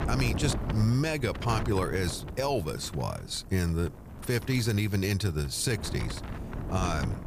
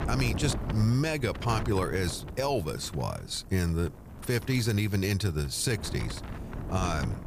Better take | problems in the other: second | wind noise on the microphone; heavy; 10 dB below the speech; occasional gusts in the second

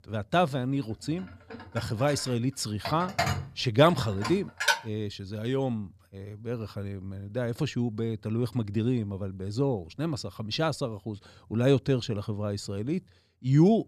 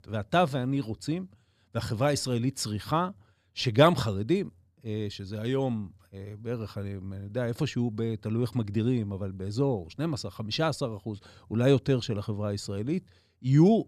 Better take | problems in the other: second | clattering dishes; loud; from 1.5 to 5 s; peak 3 dB above the speech

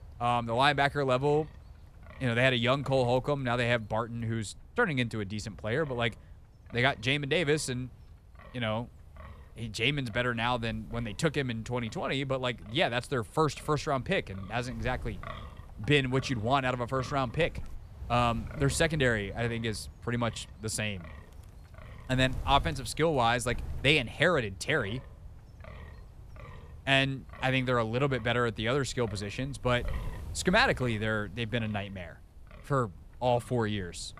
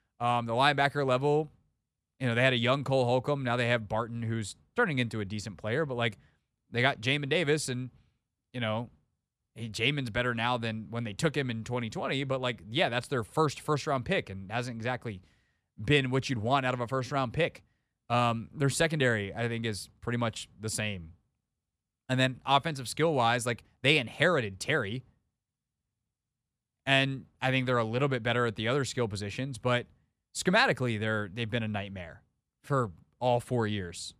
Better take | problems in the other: second | wind noise on the microphone; occasional gusts; 25 dB below the speech

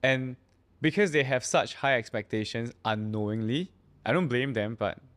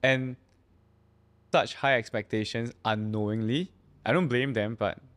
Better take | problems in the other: first | audio freezing; at 1 s for 0.5 s

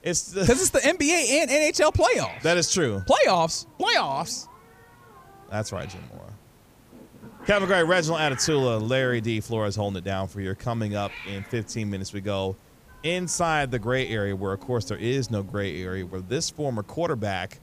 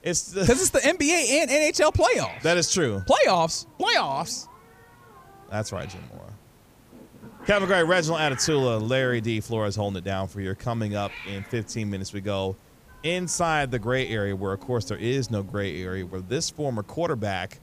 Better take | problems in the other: neither | hiss; faint; throughout; 20 dB below the speech; the same in both

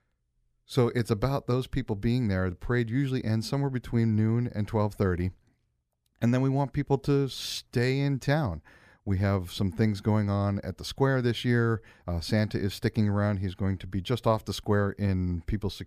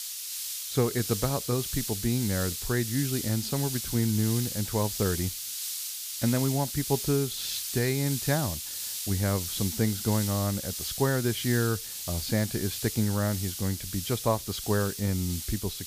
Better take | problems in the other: first | hiss; loud; throughout; 4 dB below the speech

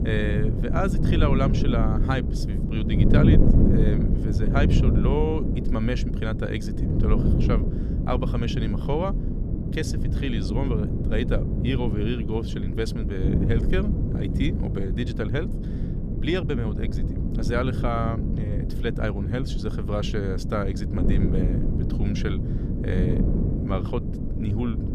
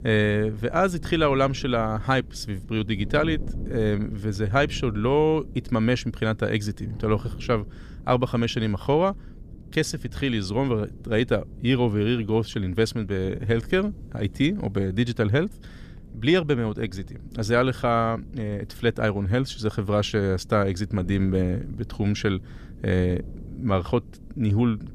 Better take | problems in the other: second | wind noise on the microphone; heavy; 3 dB below the speech; occasional gusts in the second

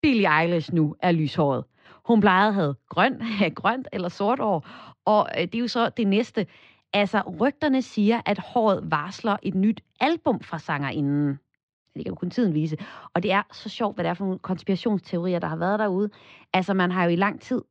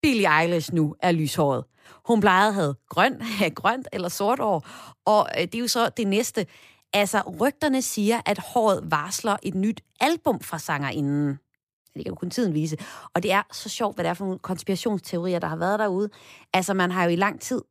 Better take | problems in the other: second | muffled; slightly; fading above 4 kHz

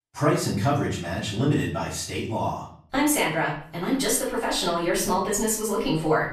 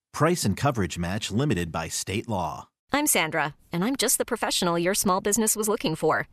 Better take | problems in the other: second | off-mic speech; far // room echo; noticeable; dies away in 0.4 s

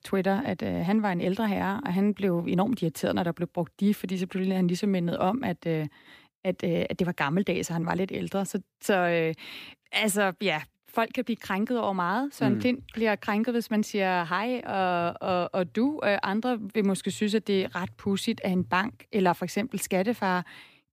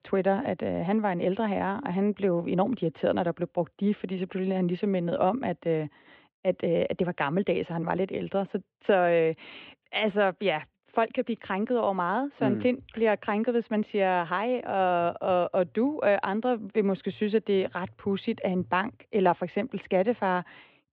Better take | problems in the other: first | muffled; very; fading above 3 kHz

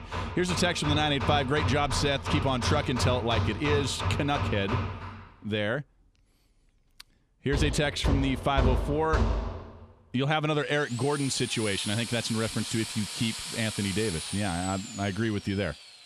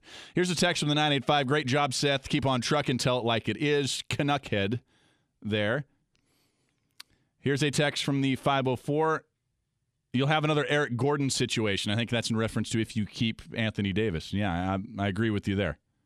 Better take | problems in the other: second | machinery noise; loud; throughout; 4 dB below the speech

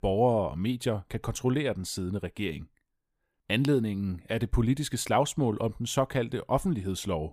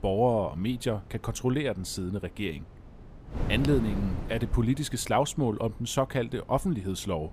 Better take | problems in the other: first | wind noise on the microphone; occasional gusts; 15 dB below the speech

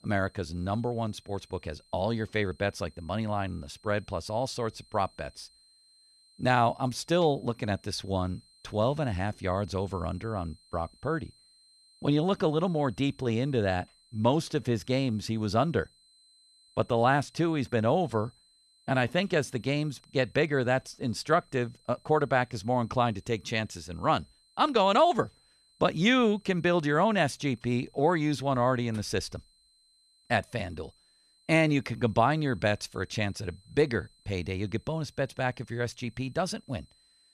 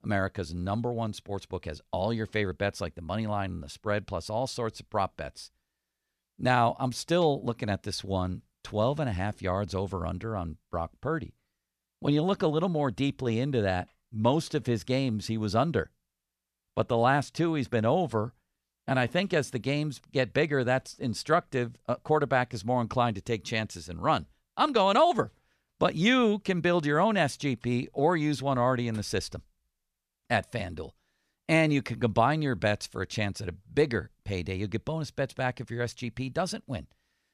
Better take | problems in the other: second | high-pitched whine; faint; throughout; 4 kHz, 30 dB below the speech

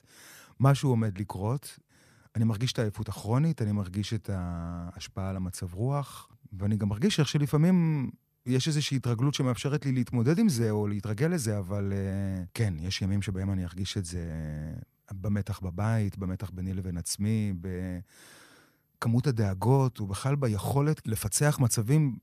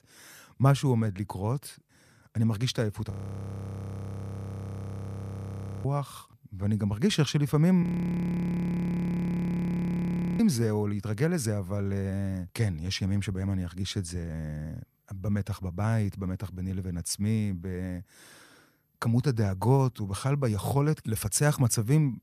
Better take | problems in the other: first | audio freezing; at 3 s for 2.5 s and at 8 s for 2.5 s

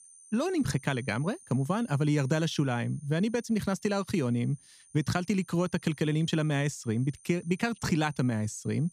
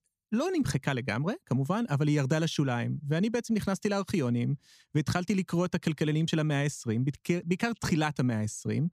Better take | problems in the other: second | high-pitched whine; faint; throughout; 9 kHz, 25 dB below the speech

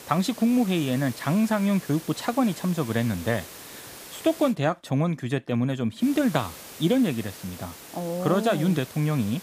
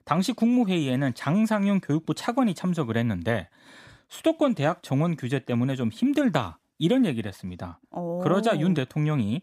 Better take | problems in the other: second | hiss; noticeable; until 4.5 s and from 6 s on; 15 dB below the speech

